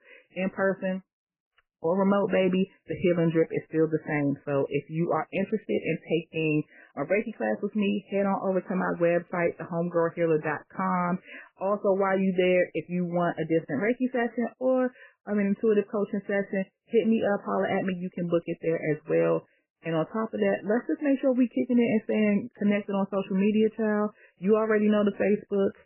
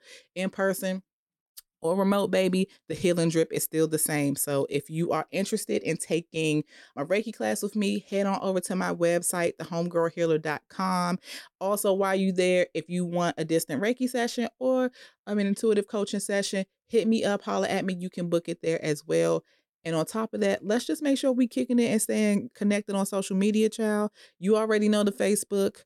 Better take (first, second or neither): second